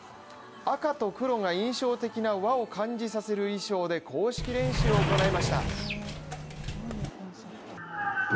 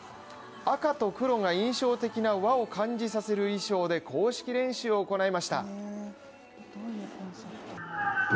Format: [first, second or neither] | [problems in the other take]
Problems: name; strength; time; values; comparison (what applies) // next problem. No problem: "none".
second | background sound (Sliding door); 1 dB above the speech